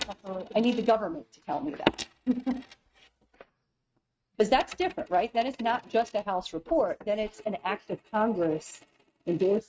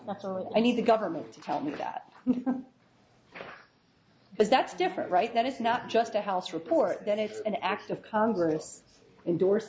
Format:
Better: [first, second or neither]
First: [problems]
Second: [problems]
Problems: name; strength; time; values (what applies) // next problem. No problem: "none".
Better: second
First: noise reduction (neural mask model RNNoise)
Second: none